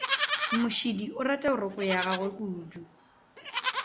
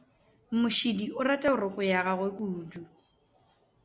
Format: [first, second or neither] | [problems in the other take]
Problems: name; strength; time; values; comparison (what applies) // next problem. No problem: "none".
second | background sound (Livestock, farm animals, working animals); 3 dB below the speech